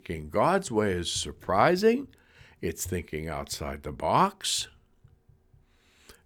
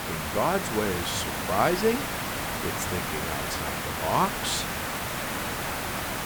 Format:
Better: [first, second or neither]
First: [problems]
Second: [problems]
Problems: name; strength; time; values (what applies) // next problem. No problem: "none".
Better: first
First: none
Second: hiss; loud; throughout; 1 dB below the speech